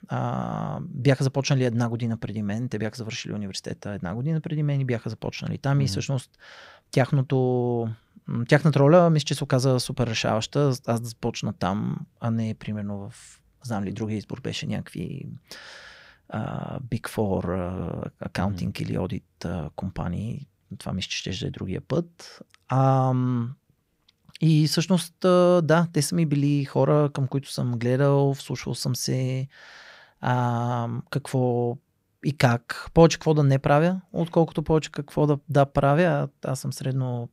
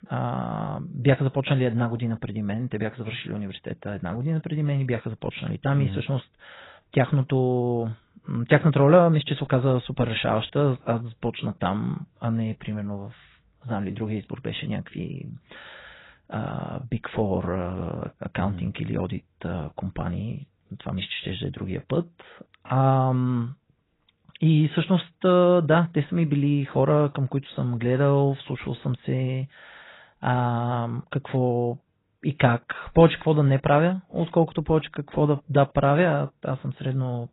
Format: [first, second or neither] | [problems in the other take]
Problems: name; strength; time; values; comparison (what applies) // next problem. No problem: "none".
first | garbled, watery; badly; nothing above 4 kHz